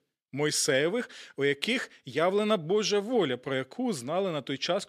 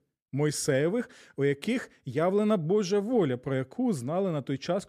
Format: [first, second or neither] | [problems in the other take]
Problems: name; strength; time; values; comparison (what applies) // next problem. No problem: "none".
second | thin; very slightly; fading below 350 Hz